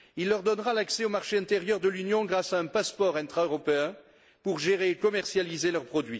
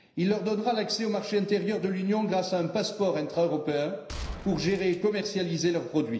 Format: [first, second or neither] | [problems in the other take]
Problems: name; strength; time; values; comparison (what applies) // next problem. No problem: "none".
first | background sound (Gunshot, gunfire); 13 dB below the speech // room echo; dies away in 0.9 s